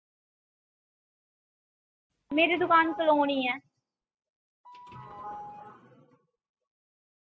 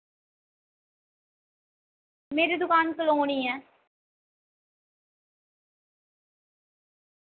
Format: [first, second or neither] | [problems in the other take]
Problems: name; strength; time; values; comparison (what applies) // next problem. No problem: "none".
second | noise reduction (classical method spectral subtraction)